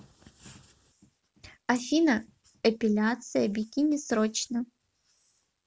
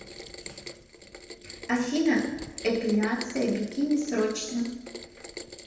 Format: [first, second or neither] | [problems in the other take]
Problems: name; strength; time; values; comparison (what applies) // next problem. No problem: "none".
first | background sound (Rain); 13 dB below the speech // room echo; dies away in 0.9 s